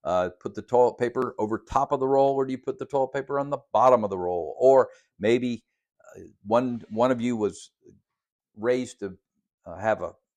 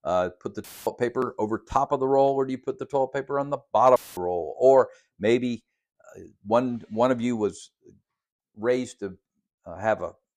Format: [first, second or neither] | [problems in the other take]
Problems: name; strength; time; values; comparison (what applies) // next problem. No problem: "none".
first | audio cutting out; filled with static; at 0.5 s and at 4 s